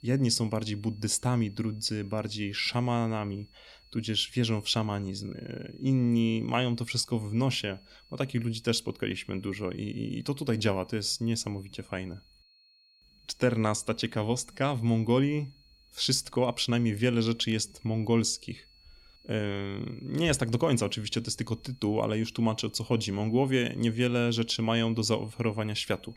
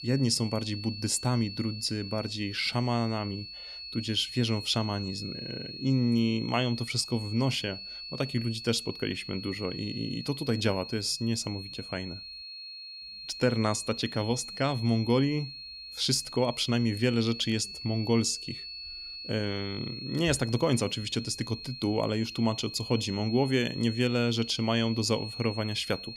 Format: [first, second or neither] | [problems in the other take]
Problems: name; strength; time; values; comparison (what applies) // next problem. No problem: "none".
first | high-pitched whine; loud; throughout; 4.5 kHz, 10 dB below the speech; faint in the first